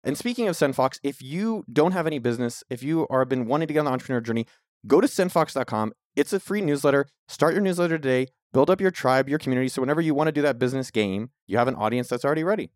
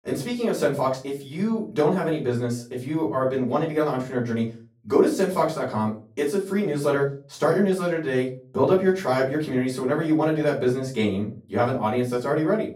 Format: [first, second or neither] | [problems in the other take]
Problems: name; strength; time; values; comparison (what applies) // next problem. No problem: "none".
first | off-mic speech; far // room echo; slight; dies away in 0.3 s